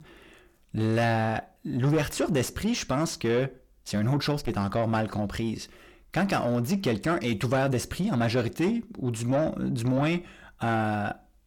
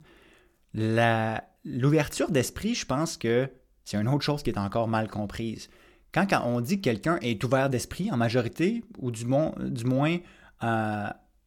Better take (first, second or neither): second